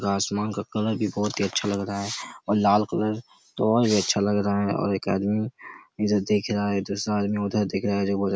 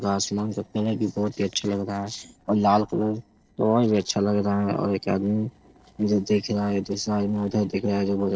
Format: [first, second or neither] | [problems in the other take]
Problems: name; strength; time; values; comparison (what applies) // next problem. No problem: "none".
first | noise reduction (neural separator model SepFormer DNS4)